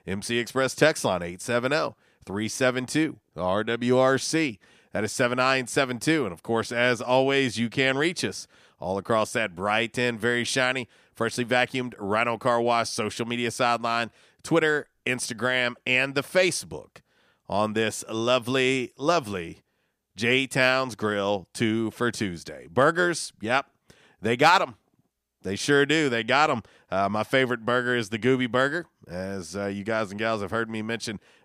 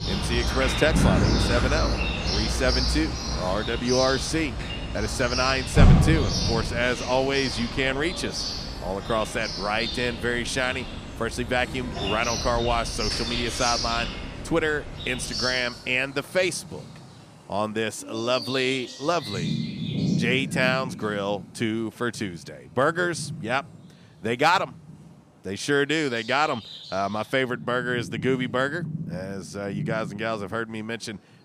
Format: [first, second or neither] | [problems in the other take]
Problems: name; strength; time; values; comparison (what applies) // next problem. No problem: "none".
first | animal sounds; loud; throughout; 1 dB below the speech